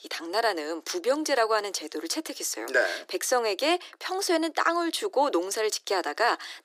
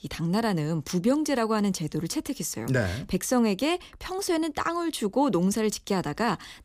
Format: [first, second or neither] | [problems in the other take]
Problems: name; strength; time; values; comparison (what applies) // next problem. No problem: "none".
second | thin; very; fading below 350 Hz